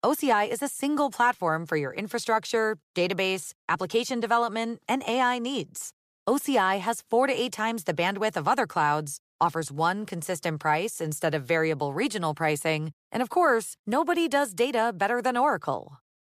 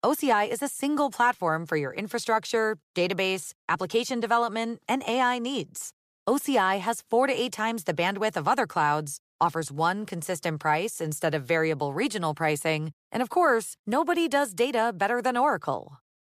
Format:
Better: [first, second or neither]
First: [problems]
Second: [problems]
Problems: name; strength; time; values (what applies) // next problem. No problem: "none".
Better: neither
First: none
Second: none